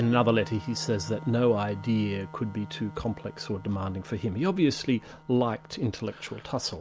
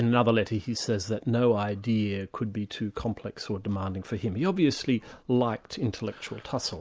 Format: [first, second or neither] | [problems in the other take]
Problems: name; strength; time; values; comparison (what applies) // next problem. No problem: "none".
second | background sound (Organ); 17 dB below the speech